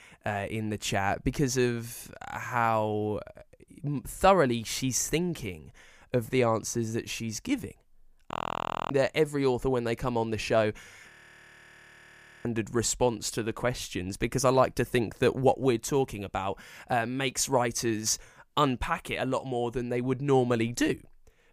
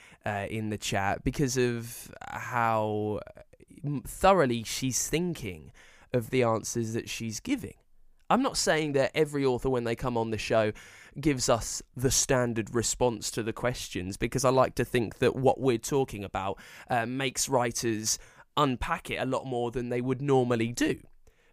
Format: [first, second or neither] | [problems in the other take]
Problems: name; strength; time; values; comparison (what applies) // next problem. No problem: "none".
second | audio freezing; at 8.5 s for 0.5 s and at 11 s for 1.5 s